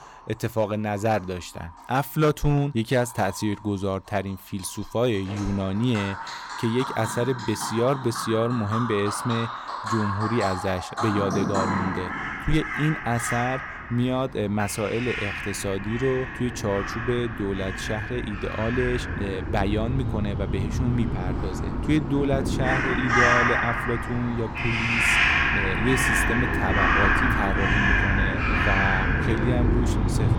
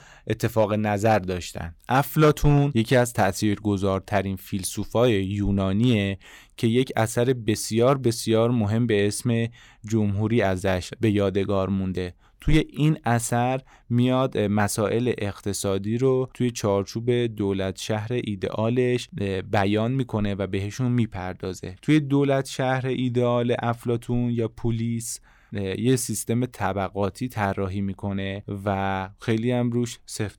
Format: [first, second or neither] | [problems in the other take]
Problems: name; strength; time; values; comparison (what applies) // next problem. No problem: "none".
second | animal sounds; very loud; throughout; 2 dB above the speech